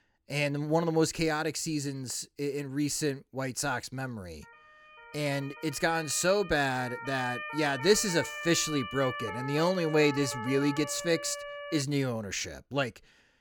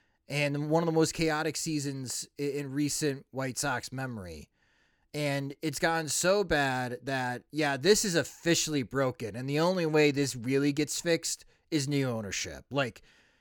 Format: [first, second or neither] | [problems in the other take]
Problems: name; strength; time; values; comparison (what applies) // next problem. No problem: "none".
second | siren; noticeable; from 4.5 to 12 s; peak 7 dB below the speech